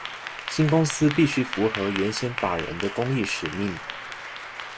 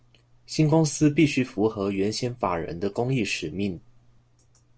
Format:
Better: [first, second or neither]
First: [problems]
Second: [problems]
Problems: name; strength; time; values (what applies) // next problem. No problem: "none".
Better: second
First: background sound (Applause / Clapping); 9 dB below the speech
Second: none